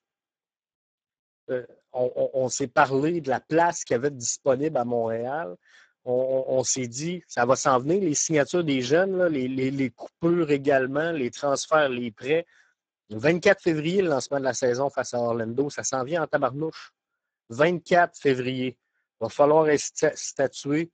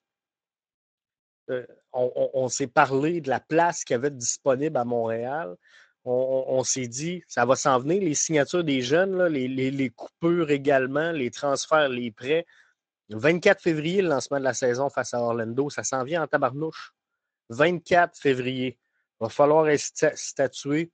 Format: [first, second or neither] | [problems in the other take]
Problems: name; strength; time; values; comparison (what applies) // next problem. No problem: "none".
second | garbled, watery; badly; nothing above 7.5 kHz; slightly in the second